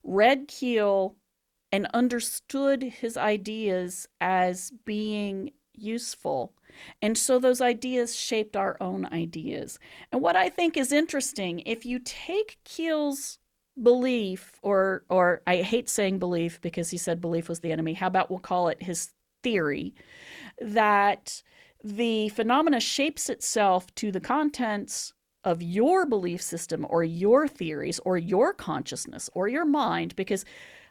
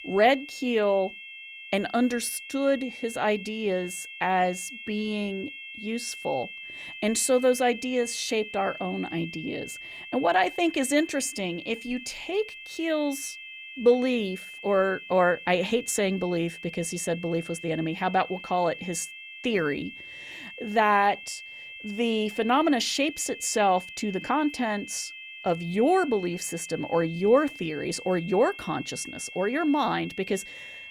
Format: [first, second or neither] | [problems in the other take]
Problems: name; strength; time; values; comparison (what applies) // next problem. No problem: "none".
first | high-pitched whine; noticeable; throughout; 2.5 kHz, 15 dB below the speech